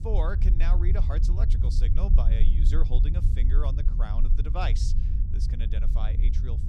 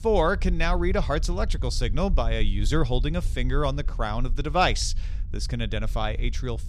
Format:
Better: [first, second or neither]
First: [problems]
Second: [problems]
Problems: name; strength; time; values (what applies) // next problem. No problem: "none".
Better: second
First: low rumble; loud; throughout; 5 dB below the speech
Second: low rumble; faint; throughout; 25 dB below the speech